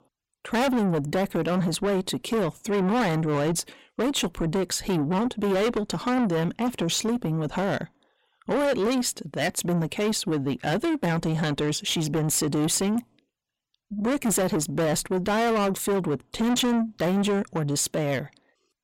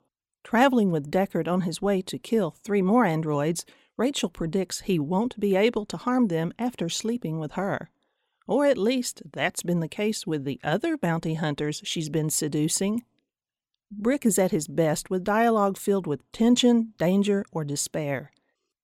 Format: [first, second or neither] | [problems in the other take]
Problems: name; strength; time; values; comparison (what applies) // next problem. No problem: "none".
second | distortion; heavy; 6 dB below the speech